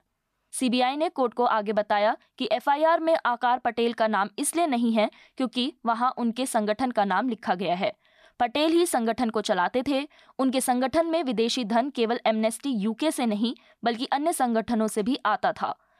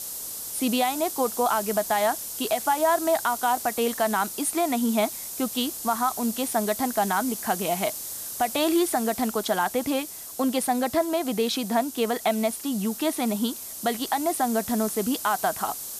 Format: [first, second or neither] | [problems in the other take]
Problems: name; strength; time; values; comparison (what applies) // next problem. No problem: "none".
first | hiss; loud; throughout; 7 dB below the speech